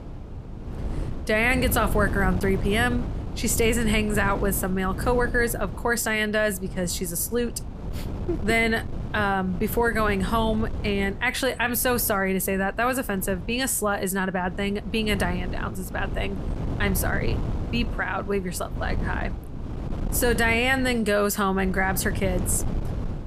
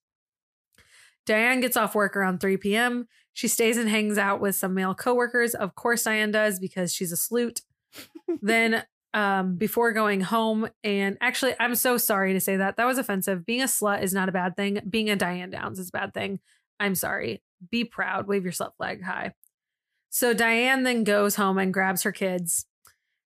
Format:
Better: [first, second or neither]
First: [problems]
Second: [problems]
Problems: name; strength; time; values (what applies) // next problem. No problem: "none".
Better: second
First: wind noise on the microphone; occasional gusts; 15 dB below the speech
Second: none